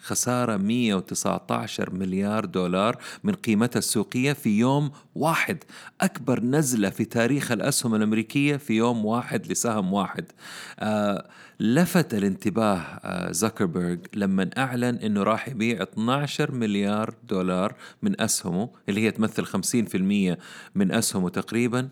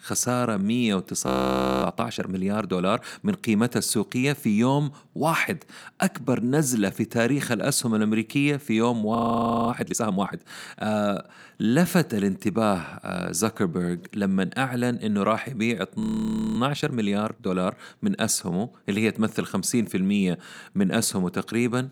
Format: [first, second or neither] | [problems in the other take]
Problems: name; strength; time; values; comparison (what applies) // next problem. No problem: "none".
first | audio freezing; at 1.5 s for 0.5 s, at 9 s for 0.5 s and at 16 s for 0.5 s